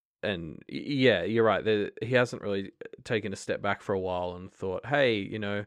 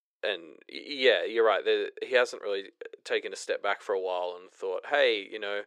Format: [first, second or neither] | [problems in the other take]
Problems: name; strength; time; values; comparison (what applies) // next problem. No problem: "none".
first | thin; very; fading below 400 Hz